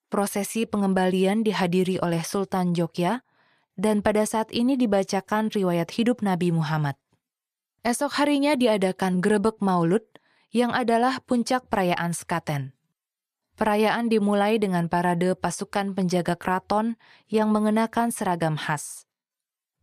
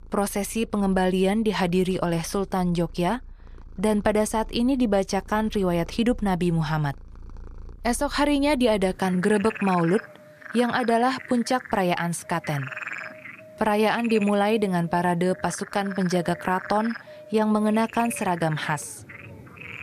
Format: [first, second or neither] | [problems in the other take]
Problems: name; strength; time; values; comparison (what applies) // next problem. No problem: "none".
first | animal sounds; noticeable; throughout; 15 dB below the speech